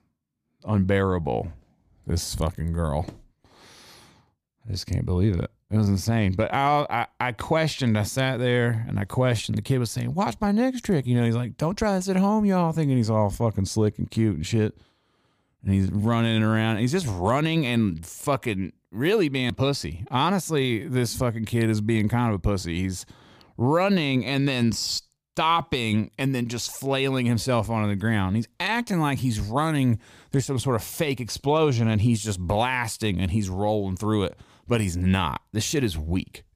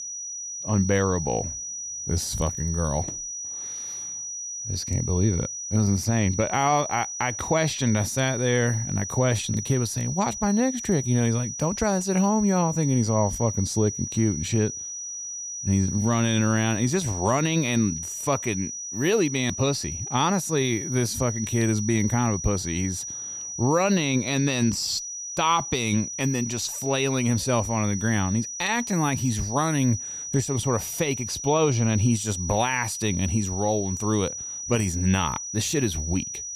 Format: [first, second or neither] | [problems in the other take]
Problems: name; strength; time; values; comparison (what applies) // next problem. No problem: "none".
first | high-pitched whine; loud; throughout; 6 kHz, 6 dB below the speech